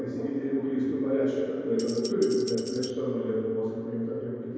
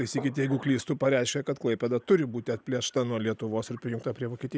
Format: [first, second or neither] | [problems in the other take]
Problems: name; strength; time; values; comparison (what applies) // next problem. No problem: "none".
second | background sound (Tambourine); 12 dB below the speech // room echo; dies away in 2.2 s